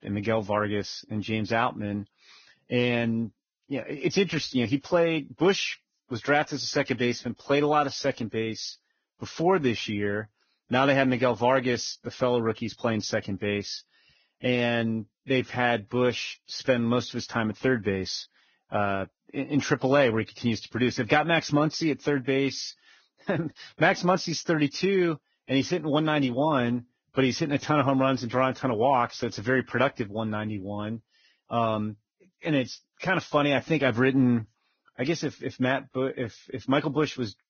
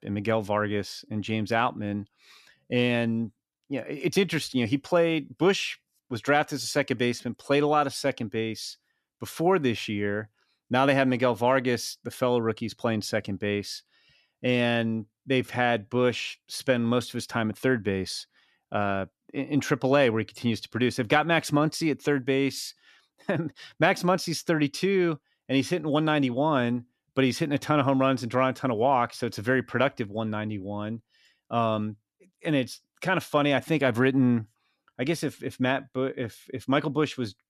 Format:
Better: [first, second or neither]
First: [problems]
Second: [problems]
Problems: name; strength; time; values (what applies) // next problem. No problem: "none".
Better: second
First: garbled, watery; badly; nothing above 6.5 kHz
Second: none